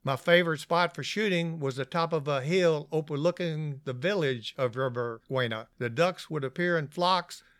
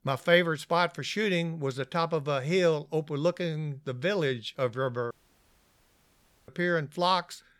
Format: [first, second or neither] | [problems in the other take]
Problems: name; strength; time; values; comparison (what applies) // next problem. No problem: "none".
first | audio cutting out; at 5 s for 1.5 s